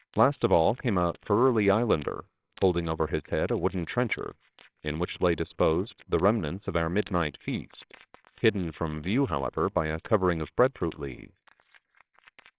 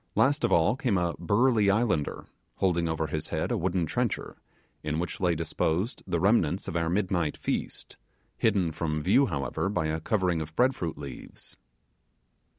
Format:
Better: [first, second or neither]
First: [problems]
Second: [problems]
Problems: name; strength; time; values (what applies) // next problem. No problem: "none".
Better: second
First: noise reduction (neural separator model SepFormer WHAMR!)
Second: none